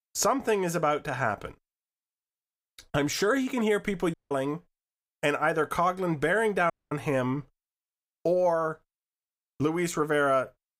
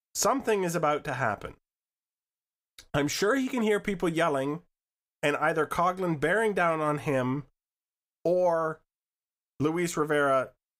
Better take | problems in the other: second | audio cutting out; at 4 s and at 6.5 s

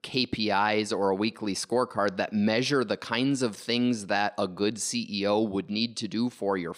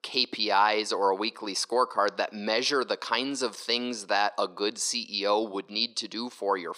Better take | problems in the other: first | thin; somewhat; fading below 400 Hz

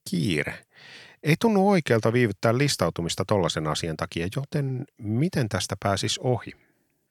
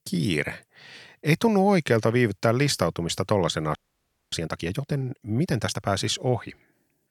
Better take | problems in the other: first | audio freezing; at 4 s for 0.5 s

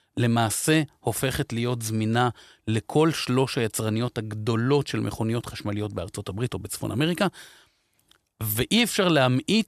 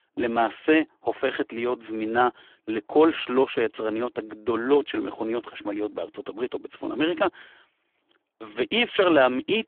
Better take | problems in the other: first | phone-call audio; poor line

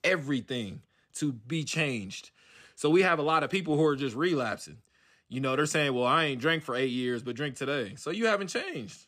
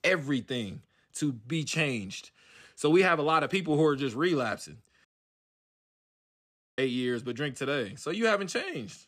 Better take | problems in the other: first | audio cutting out; at 5 s for 1.5 s

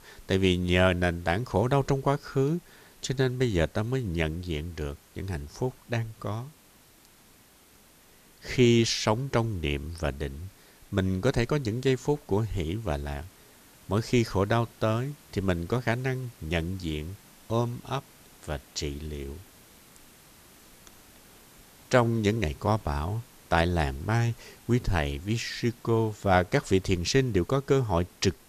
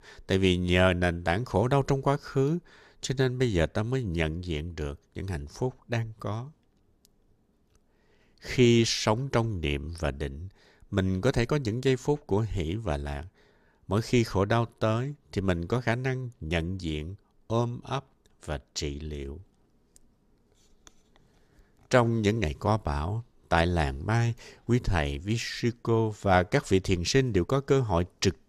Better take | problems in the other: second | hiss; faint; throughout; 25 dB below the speech

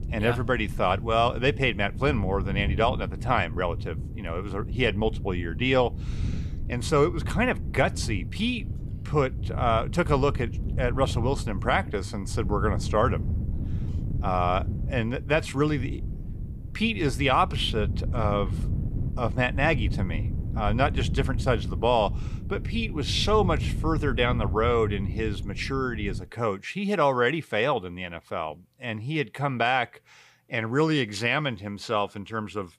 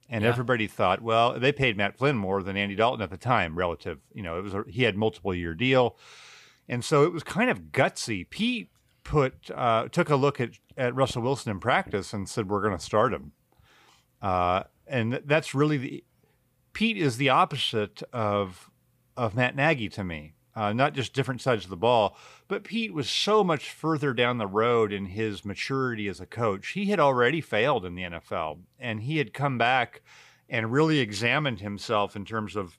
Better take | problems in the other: second | wind noise on the microphone; occasional gusts; until 26 s; 20 dB below the speech

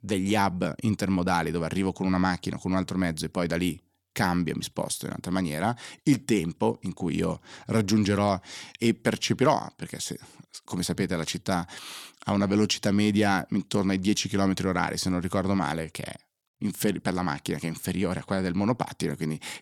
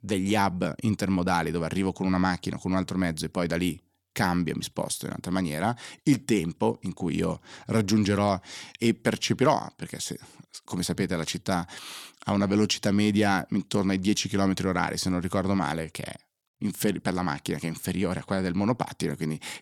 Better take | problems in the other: neither | none

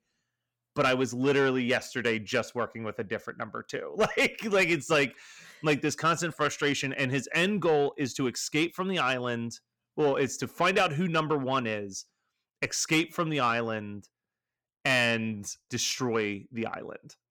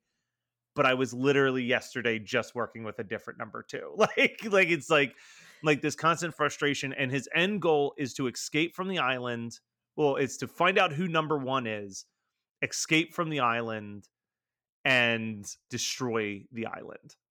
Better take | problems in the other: second | distortion; slight; 10 dB below the speech

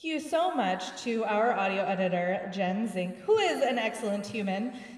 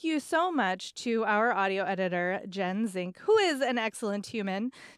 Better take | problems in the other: second | room echo; slight; dies away in 2.2 s

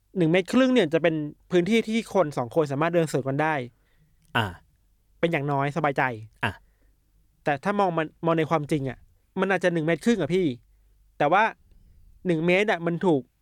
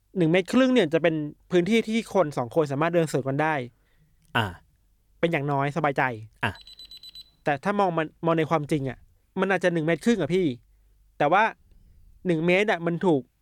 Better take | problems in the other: first | alarm; faint; at 6.5 s; peak 15 dB below the speech

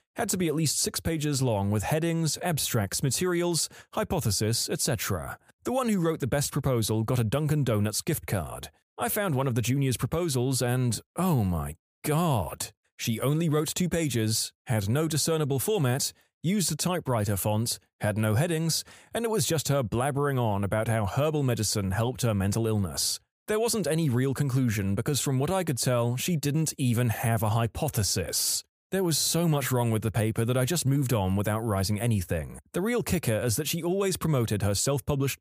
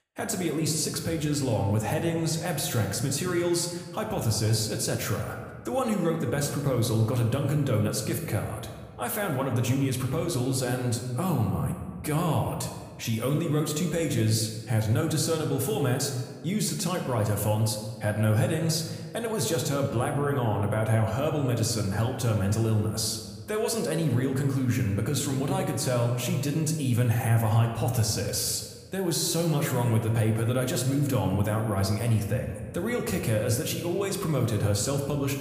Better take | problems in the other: first | room echo; slight; dies away in 1.3 s

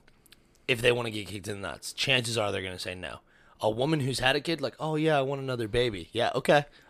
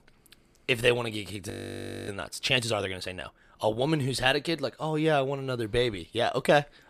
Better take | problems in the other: first | audio freezing; at 1.5 s for 0.5 s

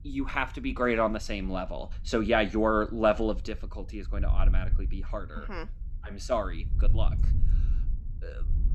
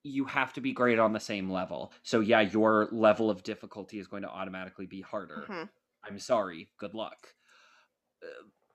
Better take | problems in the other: second | wind noise on the microphone; occasional gusts; 25 dB below the speech

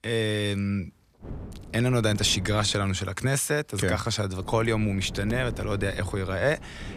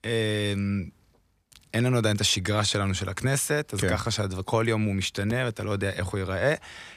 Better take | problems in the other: second | wind noise on the microphone; occasional gusts; from 1 to 3 s and from 4.5 s on; 20 dB below the speech

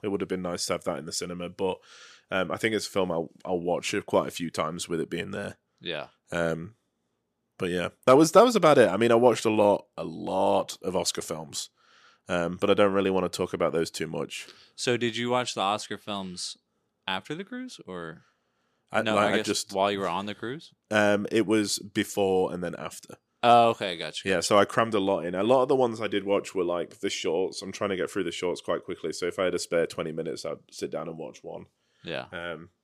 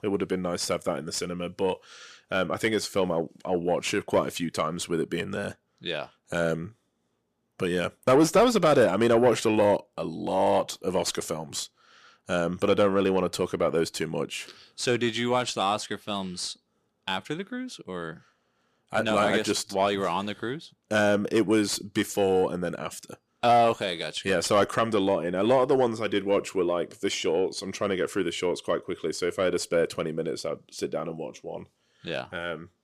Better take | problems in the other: first | distortion; slight; 10 dB below the speech

